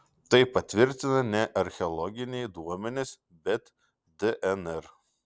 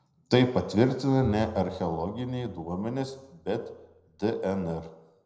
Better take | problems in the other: first | noise reduction (neural separator model SepFormer DNS4)

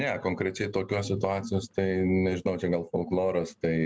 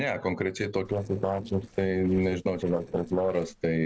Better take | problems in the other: first | noise reduction (neural separator model SepFormer DNS4)

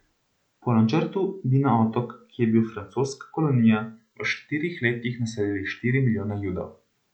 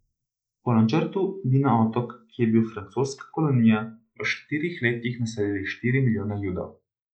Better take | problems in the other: first | noise reduction (neural mask model Resemble Enhance denoiser)

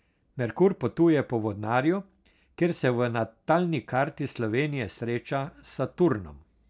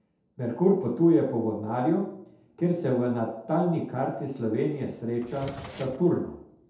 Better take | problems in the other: first | background sound (Drawer open or close); 16 dB below the speech // room echo; dies away in 0.8 s

